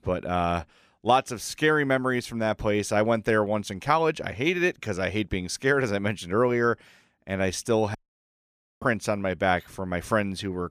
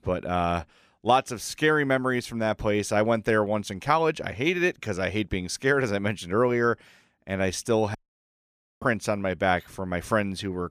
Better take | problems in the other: neither | audio cutting out; at 8 s for 1 s; the same in both

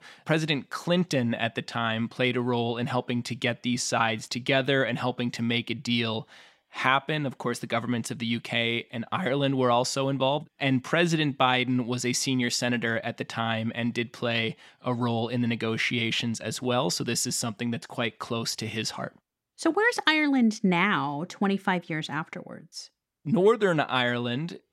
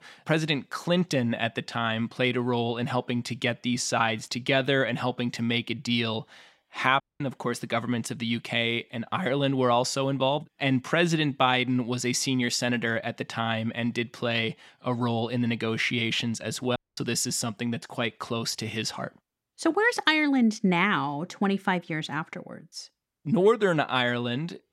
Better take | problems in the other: first | audio cutting out; at 7 s and at 17 s

